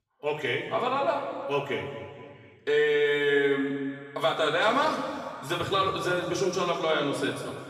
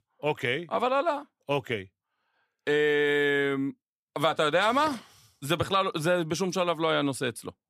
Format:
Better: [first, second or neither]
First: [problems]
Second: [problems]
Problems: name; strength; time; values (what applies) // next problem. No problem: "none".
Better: second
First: room echo; noticeable; dies away in 2.2 s // off-mic speech; far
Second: none